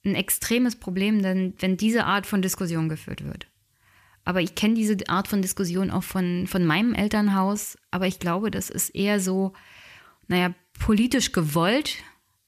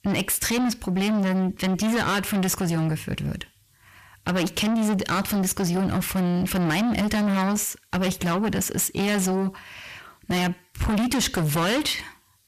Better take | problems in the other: first | distortion; heavy; 6 dB below the speech

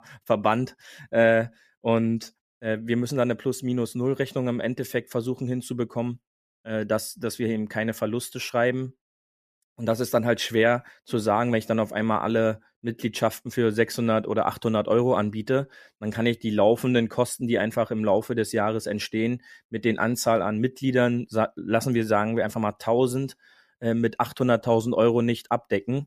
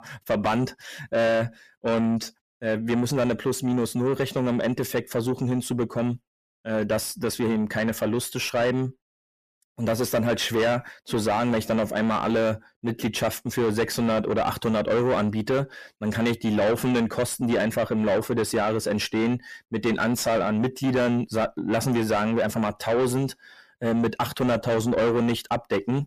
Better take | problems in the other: first | distortion; heavy; 6 dB below the speech

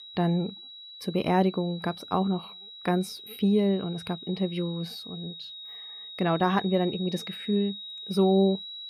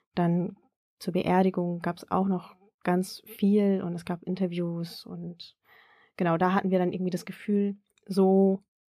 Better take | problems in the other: second | high-pitched whine; noticeable; throughout; 4 kHz, 10 dB below the speech

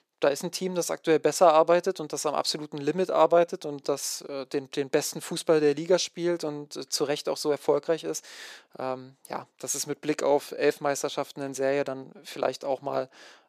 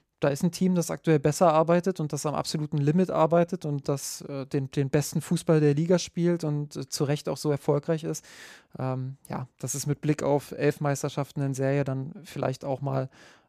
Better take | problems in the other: second | thin; somewhat; fading below 400 Hz

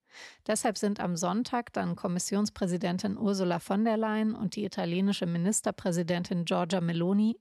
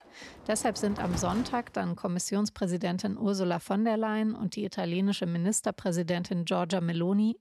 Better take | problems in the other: first | door banging; noticeable; until 1.5 s; peak 7 dB below the speech

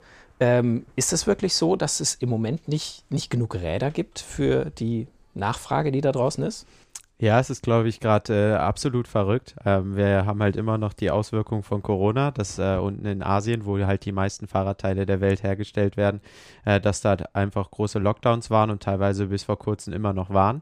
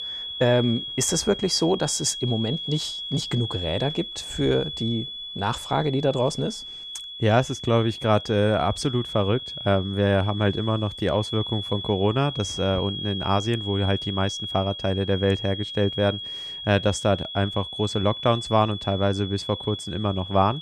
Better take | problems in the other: first | high-pitched whine; loud; throughout; 3.5 kHz, 8 dB below the speech

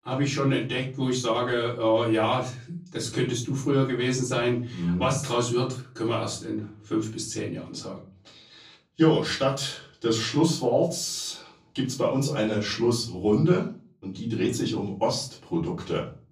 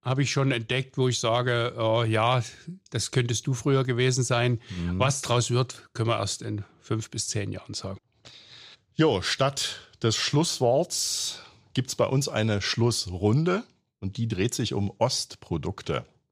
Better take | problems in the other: second | off-mic speech; far // room echo; slight; dies away in 0.3 s

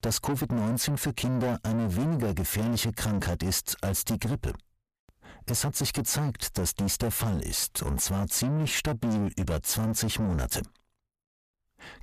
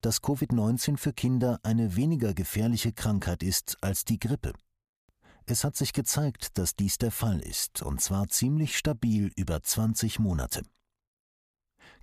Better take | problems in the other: second | distortion; heavy; 7 dB below the speech

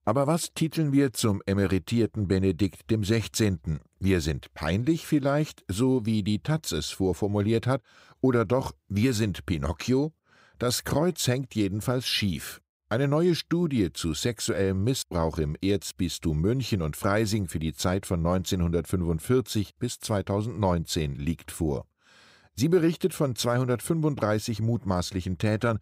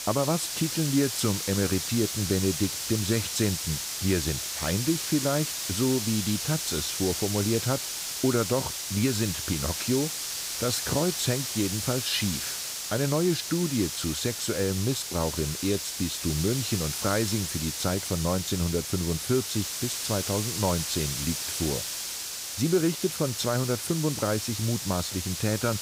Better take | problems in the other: first | hiss; loud; throughout; 2 dB below the speech

